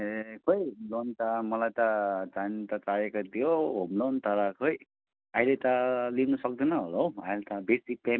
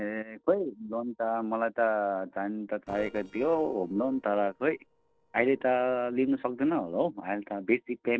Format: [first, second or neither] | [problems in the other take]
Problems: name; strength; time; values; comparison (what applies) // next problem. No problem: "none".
first | noise reduction (neural separator model SepFormer DNS4)